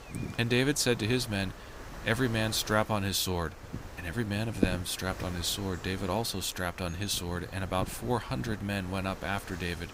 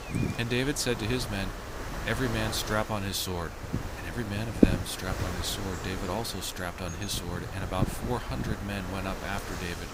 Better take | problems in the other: first | wind noise on the microphone; heavy; 3 dB below the speech; occasional gusts in the first

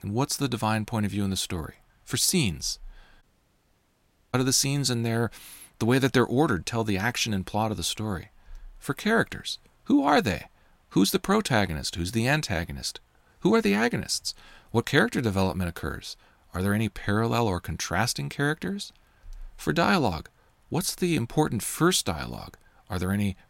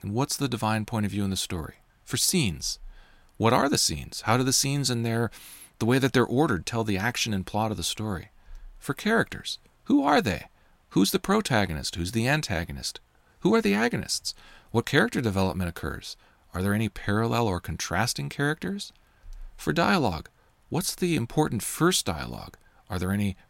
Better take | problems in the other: second | audio cutting out; at 3 s for 1 s

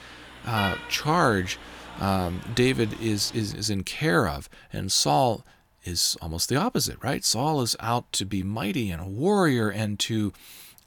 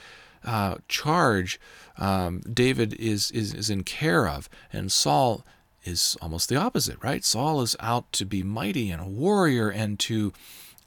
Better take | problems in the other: second | traffic noise; noticeable; until 3.5 s; 15 dB below the speech

